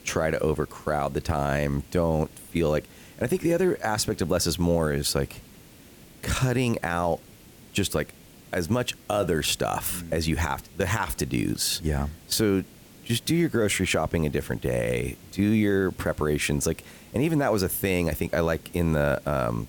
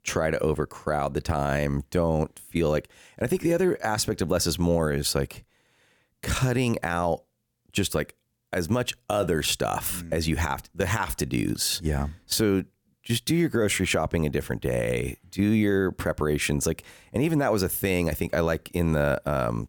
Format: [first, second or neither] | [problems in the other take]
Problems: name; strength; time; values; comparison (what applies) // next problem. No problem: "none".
second | hiss; faint; throughout; 25 dB below the speech